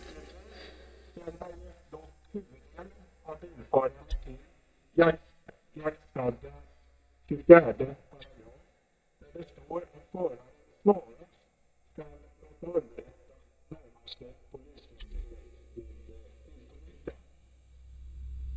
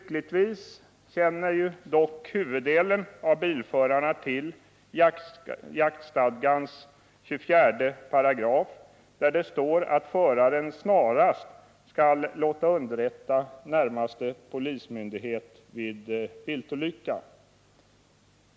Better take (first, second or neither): second